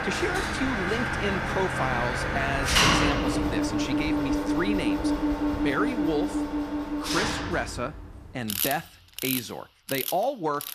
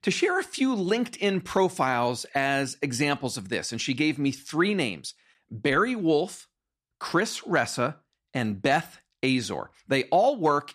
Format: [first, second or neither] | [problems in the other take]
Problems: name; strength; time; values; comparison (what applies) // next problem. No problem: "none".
second | machinery noise; very loud; throughout; 4 dB above the speech